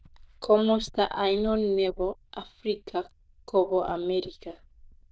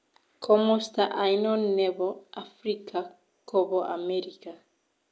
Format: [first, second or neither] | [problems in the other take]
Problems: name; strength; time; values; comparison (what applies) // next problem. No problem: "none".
second | noise reduction (neural diffusion model UNIVERSE++)